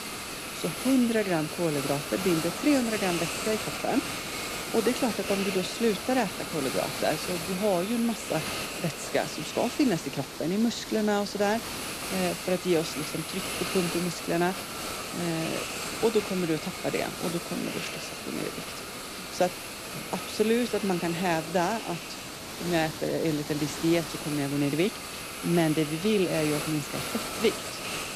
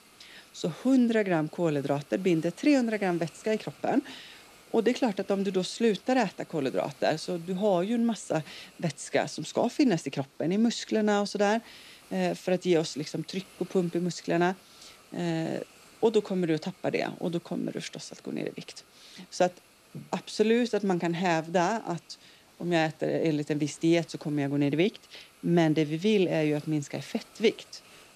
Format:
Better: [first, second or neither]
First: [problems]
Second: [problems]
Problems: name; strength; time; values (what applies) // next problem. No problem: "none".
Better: second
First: hiss; loud; throughout; 5 dB below the speech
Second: hiss; faint; throughout; 25 dB below the speech